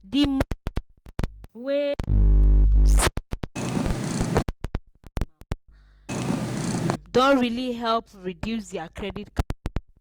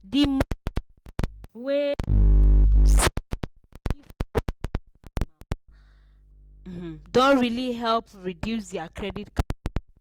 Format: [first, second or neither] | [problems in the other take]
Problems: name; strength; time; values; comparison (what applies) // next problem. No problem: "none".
second | background sound (Purr); 2 dB below the speech